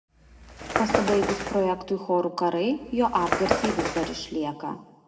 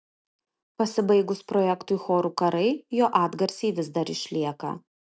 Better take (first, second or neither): second